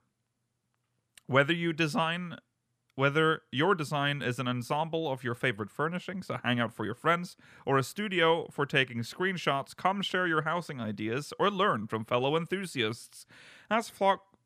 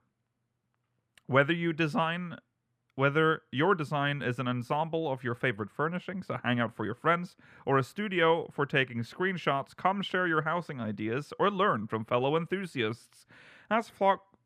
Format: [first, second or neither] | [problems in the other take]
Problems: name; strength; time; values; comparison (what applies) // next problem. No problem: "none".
first | muffled; slightly; fading above 3.5 kHz